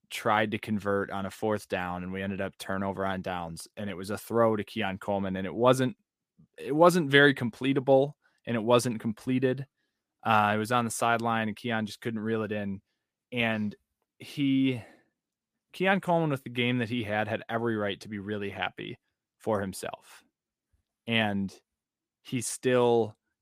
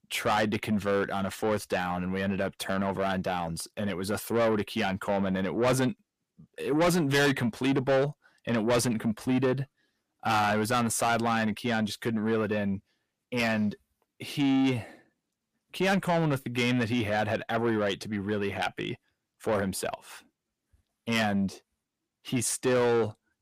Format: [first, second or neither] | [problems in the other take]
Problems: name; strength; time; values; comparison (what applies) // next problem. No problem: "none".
first | distortion; heavy; 6 dB below the speech